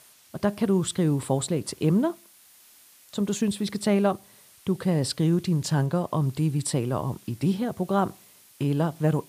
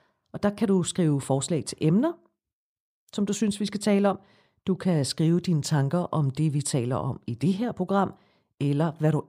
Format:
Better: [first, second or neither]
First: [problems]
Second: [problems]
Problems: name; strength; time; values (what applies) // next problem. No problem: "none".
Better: second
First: hiss; faint; throughout; 25 dB below the speech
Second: none